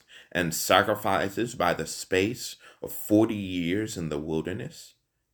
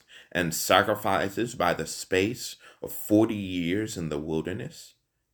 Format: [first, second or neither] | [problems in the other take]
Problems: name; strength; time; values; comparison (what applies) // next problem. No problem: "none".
neither | none